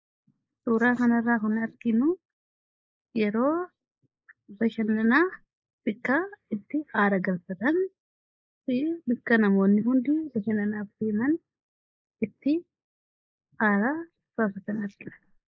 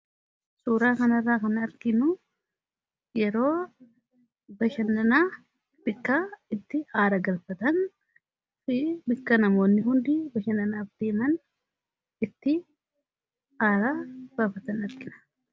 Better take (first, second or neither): second